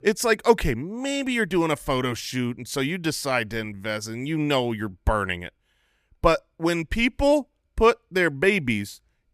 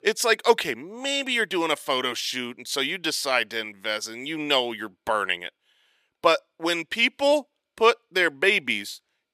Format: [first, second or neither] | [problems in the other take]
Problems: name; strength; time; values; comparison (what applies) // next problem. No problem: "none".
first | thin; somewhat; fading below 400 Hz